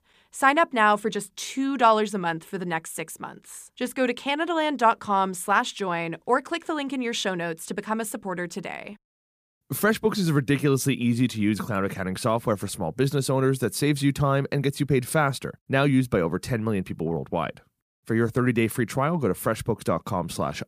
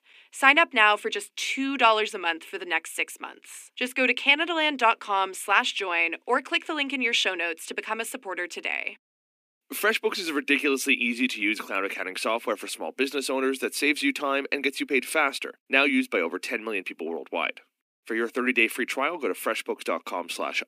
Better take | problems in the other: first | thin; very slightly; fading below 250 Hz

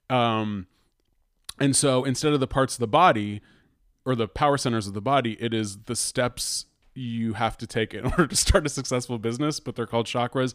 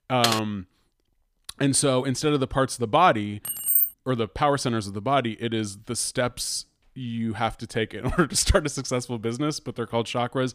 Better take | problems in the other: first | keyboard typing; noticeable; at the start; peak level with the speech // jangling keys; loud; at 3.5 s; peak 6 dB above the speech

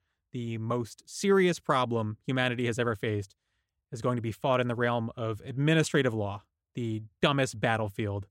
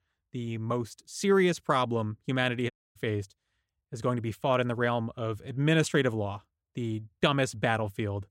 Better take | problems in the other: first | audio cutting out; at 2.5 s

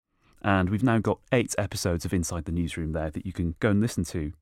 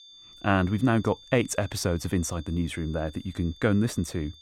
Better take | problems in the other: first | high-pitched whine; faint; throughout; 3.5 kHz, 20 dB below the speech

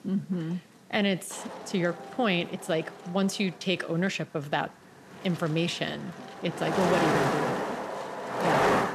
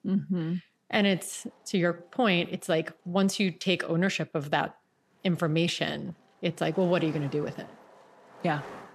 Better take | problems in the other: second | wind noise on the microphone; heavy; 3 dB above the speech; occasional gusts in the second

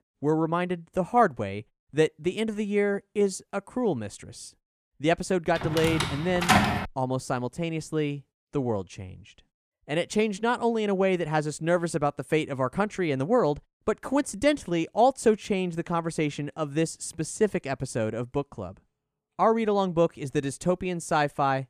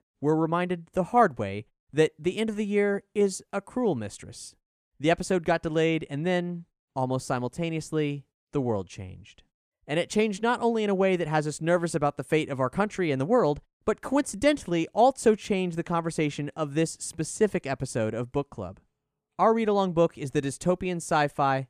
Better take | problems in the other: second | door banging; loud; from 5.5 to 7 s; peak 6 dB above the speech

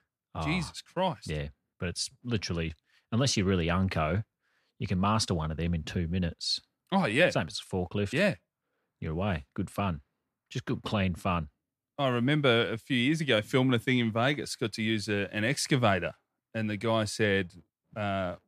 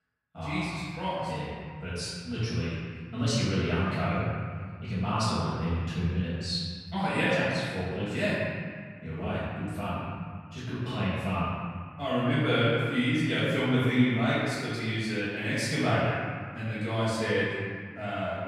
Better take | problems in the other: first | room echo; strong; dies away in 1.9 s // off-mic speech; far

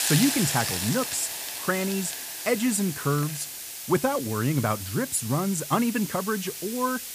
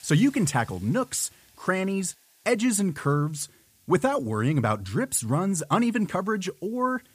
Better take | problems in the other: second | hiss; loud; throughout; 4 dB below the speech; faint in the second

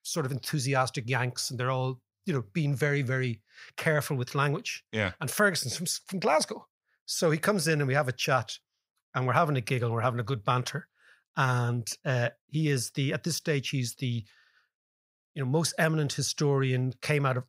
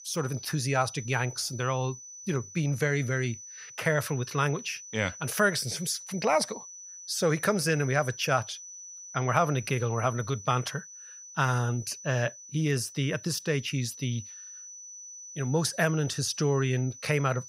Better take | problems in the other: first | high-pitched whine; noticeable; throughout; 6 kHz, 15 dB below the speech

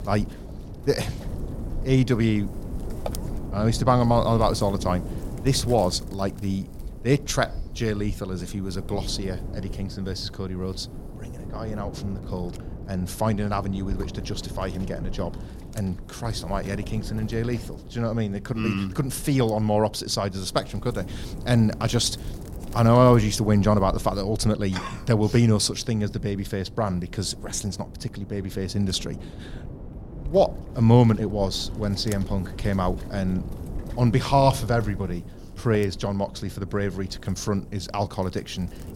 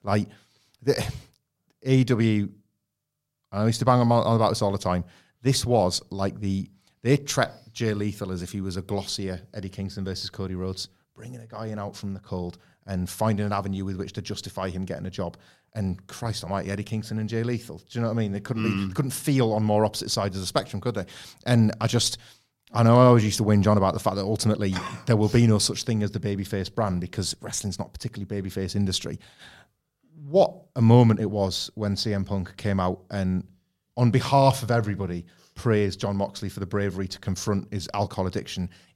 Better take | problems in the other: second | wind noise on the microphone; occasional gusts; 15 dB below the speech

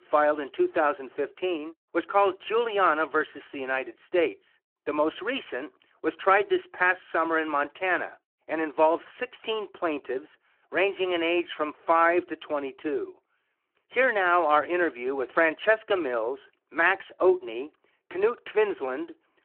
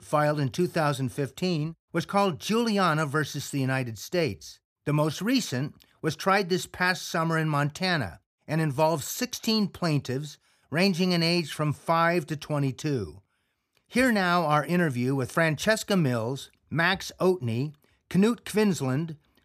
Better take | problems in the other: second | phone-call audio

